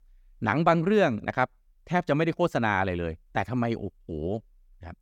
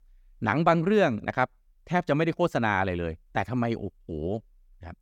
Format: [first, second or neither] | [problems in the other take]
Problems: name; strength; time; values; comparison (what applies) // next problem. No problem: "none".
neither | none